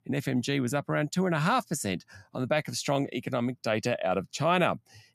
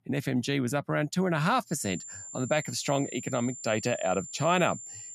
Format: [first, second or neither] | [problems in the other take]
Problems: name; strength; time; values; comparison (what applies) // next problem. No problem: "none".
first | high-pitched whine; noticeable; from 1.5 s on; 7 kHz, 10 dB below the speech